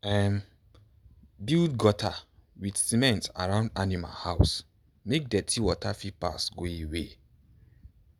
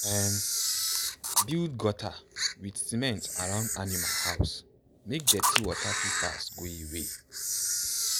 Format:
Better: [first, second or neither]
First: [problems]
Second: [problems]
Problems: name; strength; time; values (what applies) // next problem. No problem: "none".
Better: first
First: none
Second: background sound (Camera); 3 dB above the speech